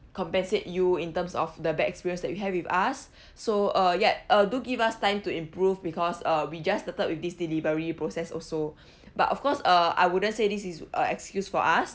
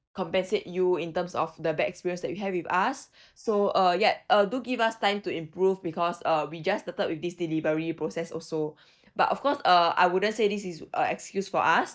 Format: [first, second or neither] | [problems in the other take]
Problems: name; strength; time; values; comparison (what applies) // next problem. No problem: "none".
first | noise reduction (neural mask model DeepFilterNet 3)